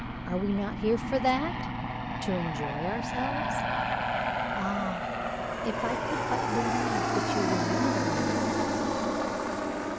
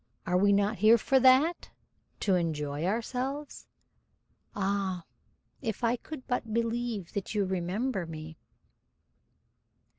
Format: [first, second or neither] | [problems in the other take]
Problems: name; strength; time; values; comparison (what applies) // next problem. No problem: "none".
second | background sound (Aircraft); 4 dB above the speech